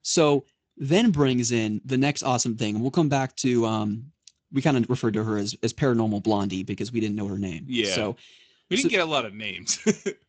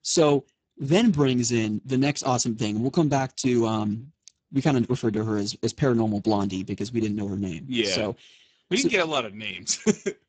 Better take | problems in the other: first | garbled, watery; badly; nothing above 7.5 kHz; slightly in the first

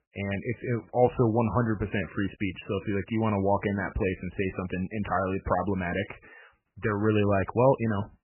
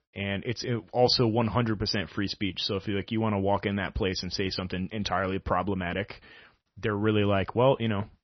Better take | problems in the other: second | garbled, watery; badly; nothing above 3 kHz; slightly in the second

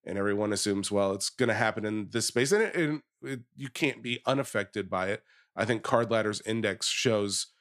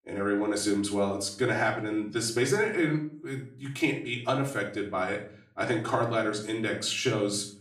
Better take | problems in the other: first | off-mic speech; far // room echo; slight; dies away in 0.4 s

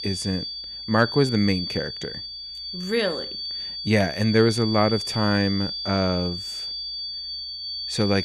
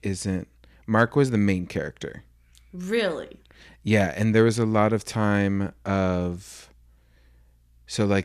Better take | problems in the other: second | high-pitched whine; loud; throughout; 4.5 kHz, 6 dB below the speech

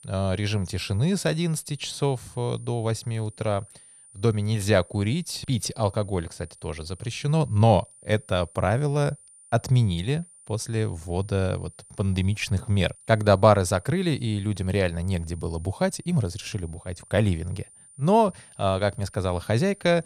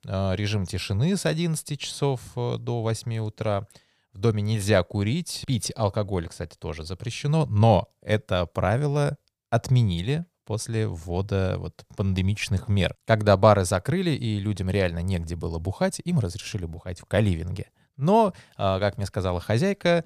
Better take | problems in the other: second | high-pitched whine; faint; throughout; 9 kHz, 25 dB below the speech

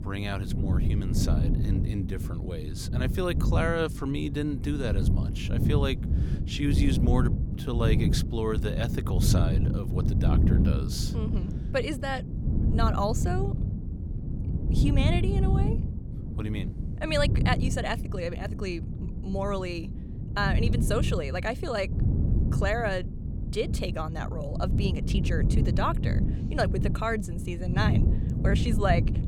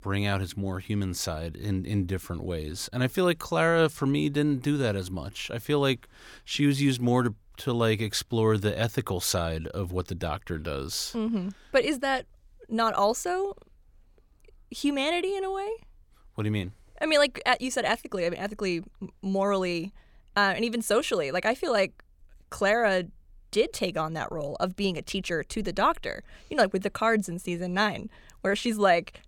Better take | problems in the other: second | wind noise on the microphone; heavy; 7 dB below the speech

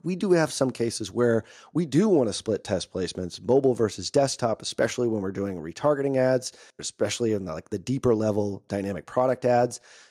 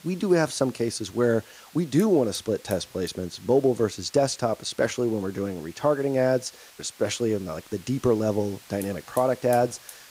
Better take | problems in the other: first | hiss; faint; throughout; 20 dB below the speech

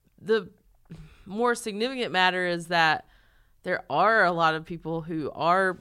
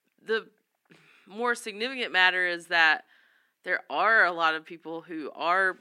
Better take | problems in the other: first | thin; somewhat; fading below 250 Hz

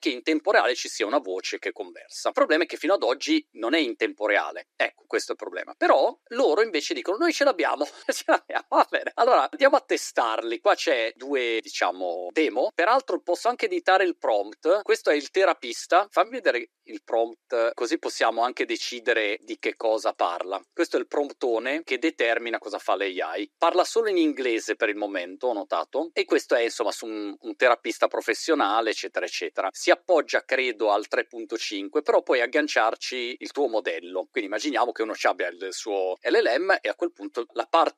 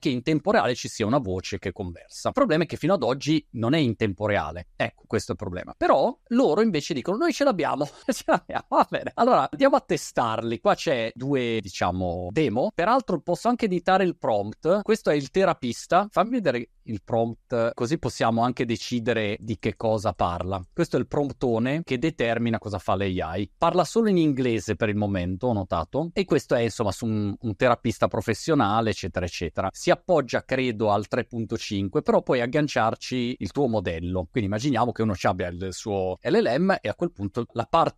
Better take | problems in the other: second | thin; somewhat; fading below 300 Hz

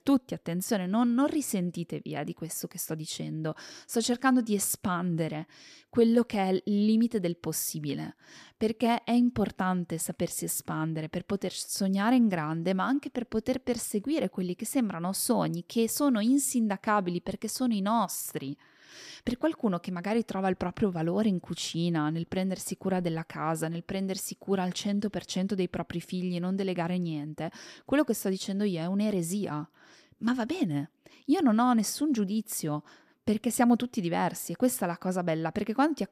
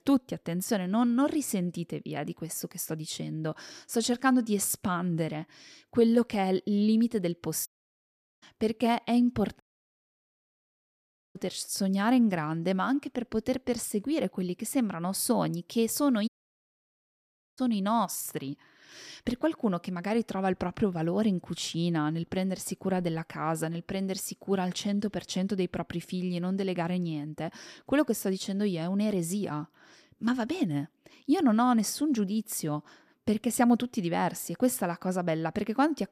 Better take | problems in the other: first | audio cutting out; at 7.5 s for 1 s, at 9.5 s for 2 s and at 16 s for 1.5 s

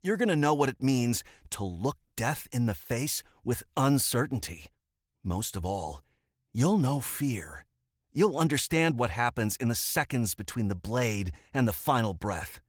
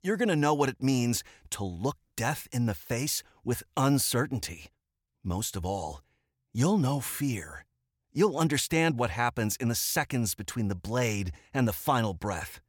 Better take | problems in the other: second | garbled, watery; slightly; nothing above 17.5 kHz

